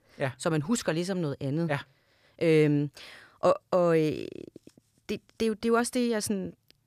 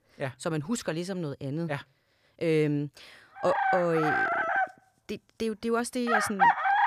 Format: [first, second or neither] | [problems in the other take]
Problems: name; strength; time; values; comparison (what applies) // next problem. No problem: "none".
first | animal sounds; very loud; from 3.5 s on; 4 dB above the speech